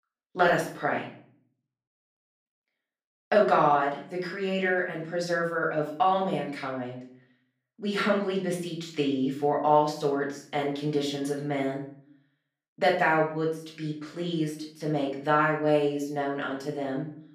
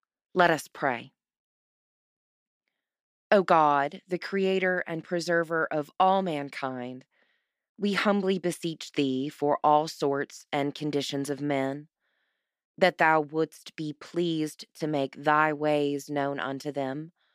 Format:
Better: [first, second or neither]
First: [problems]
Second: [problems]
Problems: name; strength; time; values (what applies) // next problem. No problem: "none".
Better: second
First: off-mic speech; far // room echo; slight; dies away in 0.4 s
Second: none